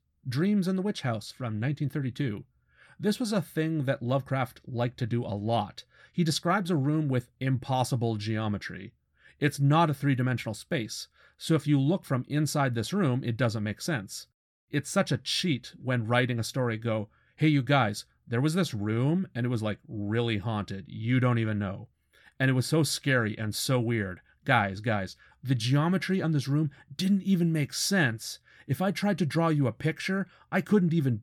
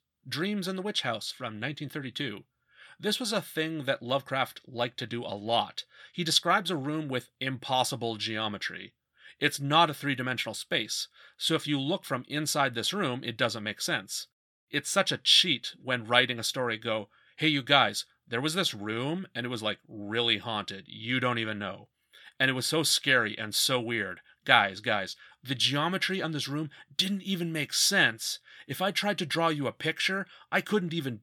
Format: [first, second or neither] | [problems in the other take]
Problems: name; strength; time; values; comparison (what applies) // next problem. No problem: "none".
first | thin; somewhat; fading below 700 Hz